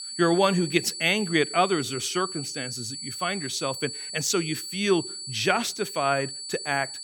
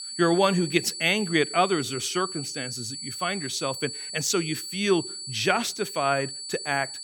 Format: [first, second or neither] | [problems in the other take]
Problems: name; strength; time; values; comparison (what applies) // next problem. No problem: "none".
neither | high-pitched whine; loud; throughout; 4.5 kHz, 8 dB below the speech; the same in both